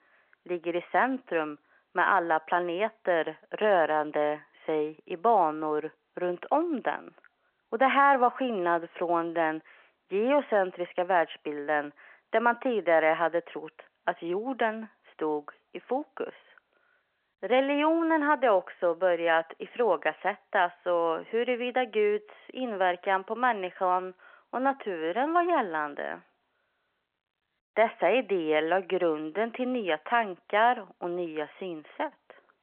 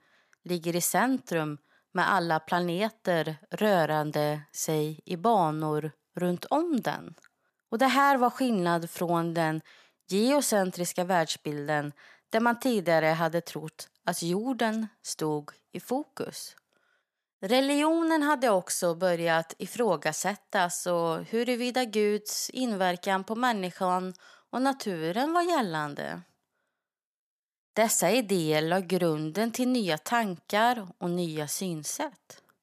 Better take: second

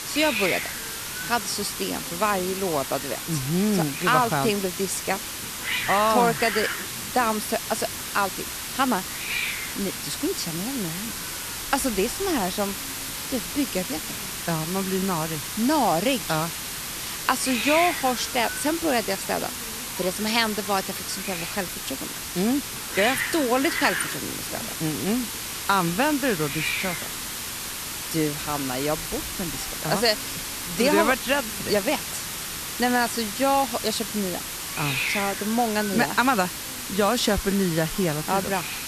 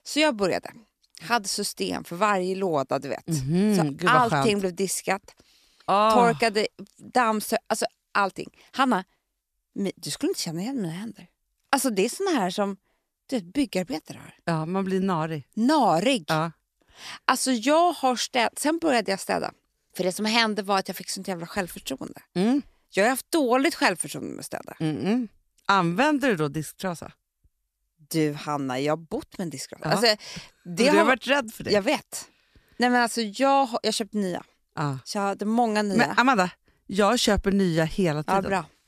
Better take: second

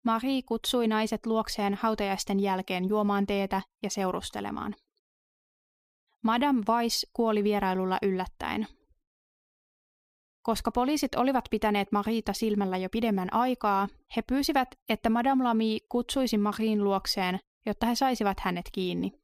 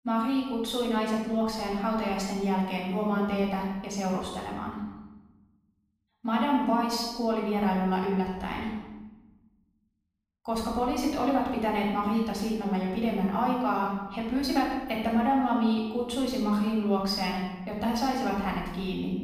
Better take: first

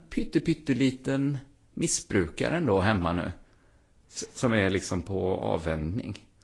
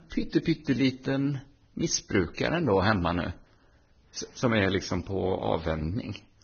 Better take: first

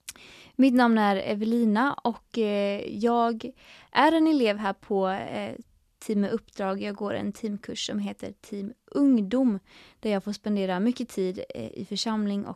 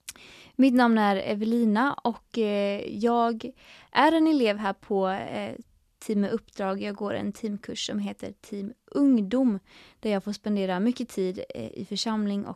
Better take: neither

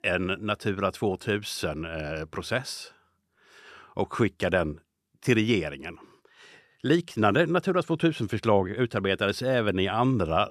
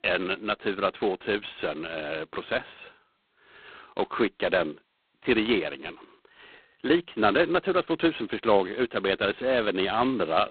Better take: first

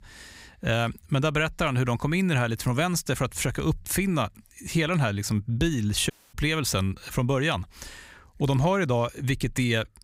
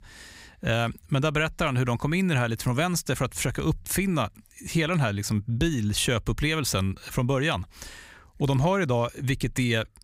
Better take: second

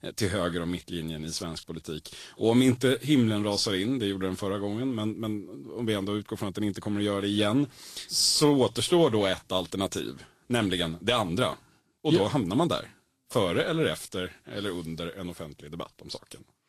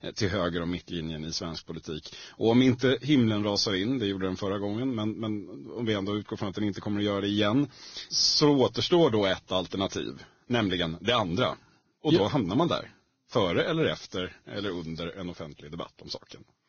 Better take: first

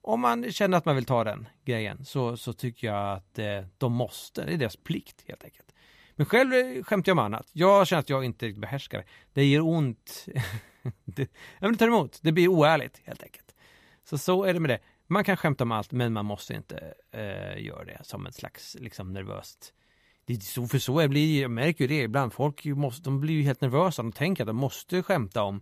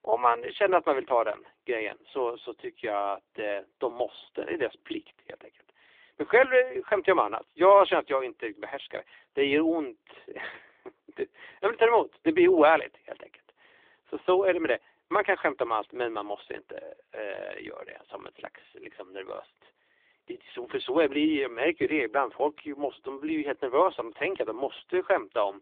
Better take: first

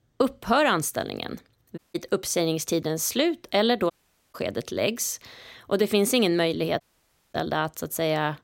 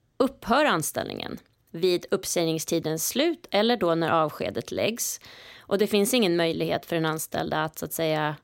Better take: second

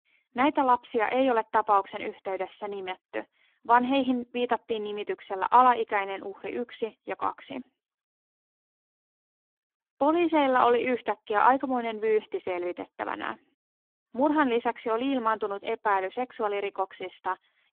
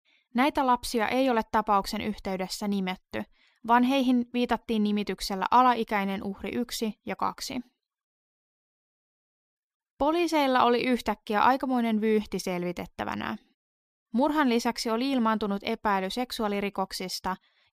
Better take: second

